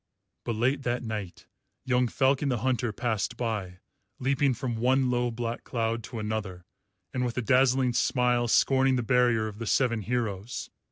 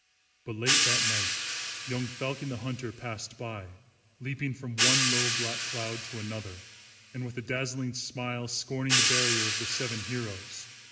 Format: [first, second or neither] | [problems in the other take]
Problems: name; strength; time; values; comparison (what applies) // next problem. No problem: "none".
first | background sound (Hi-hat); 3 dB above the speech // room echo; dies away in 2.1 s